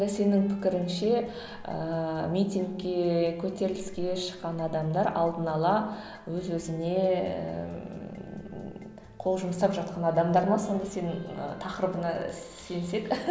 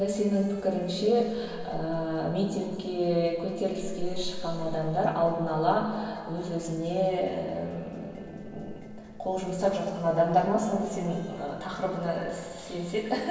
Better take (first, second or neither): first